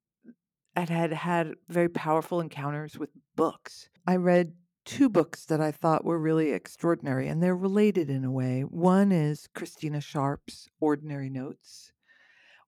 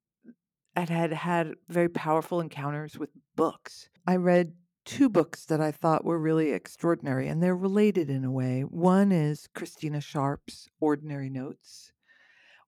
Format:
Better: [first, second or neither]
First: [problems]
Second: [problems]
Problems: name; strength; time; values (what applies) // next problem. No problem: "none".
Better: neither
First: none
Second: none